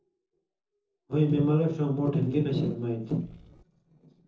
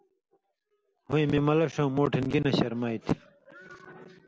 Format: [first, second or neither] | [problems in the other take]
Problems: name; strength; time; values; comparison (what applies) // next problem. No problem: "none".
second | noise reduction (neural separator model SepFormer DNS4)